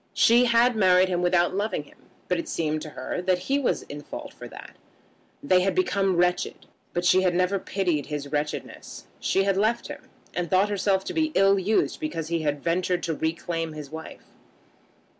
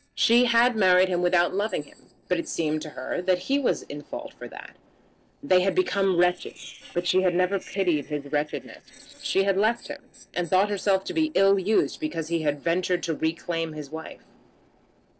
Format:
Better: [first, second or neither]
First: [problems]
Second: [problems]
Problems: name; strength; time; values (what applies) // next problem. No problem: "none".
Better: first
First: none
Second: noise reduction (neural separator model SepFormer DNS4)